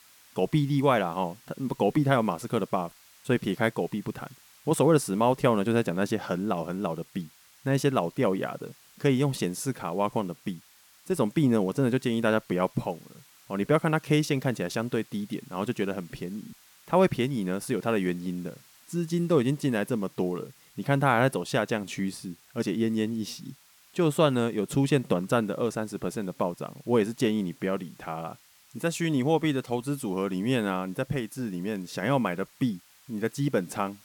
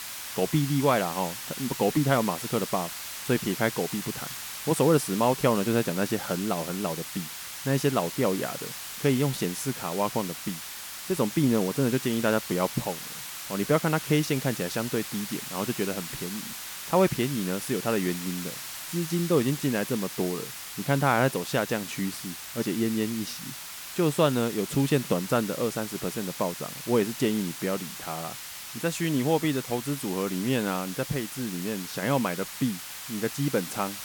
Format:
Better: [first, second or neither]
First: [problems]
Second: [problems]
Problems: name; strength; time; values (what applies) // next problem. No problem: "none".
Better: first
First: hiss; faint; throughout; 25 dB below the speech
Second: hiss; loud; throughout; 8 dB below the speech